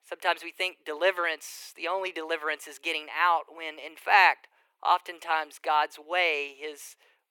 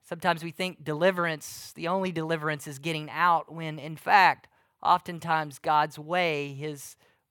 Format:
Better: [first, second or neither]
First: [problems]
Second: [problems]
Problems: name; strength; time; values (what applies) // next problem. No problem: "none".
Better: second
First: thin; very; fading below 350 Hz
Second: none